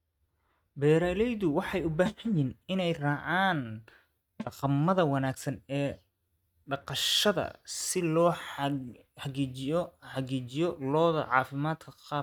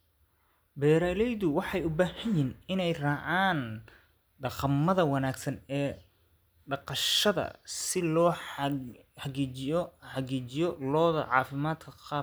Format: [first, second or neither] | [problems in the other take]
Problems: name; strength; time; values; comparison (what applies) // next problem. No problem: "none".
second | noise reduction (neural mask model RNNoise)